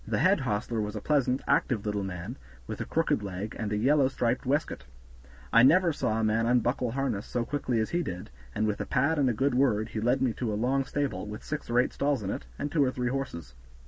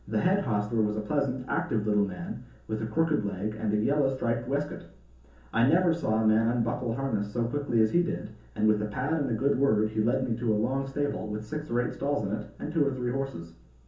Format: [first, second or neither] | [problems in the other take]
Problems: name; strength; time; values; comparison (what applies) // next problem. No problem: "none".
first | room echo; dies away in 0.6 s